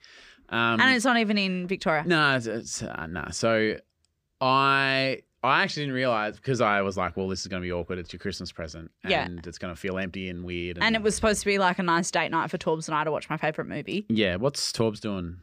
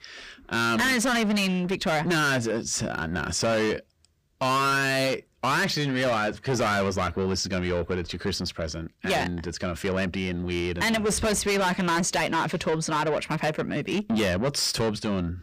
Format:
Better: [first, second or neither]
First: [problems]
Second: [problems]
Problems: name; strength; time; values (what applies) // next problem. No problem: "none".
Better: first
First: none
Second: distortion; heavy; 6 dB below the speech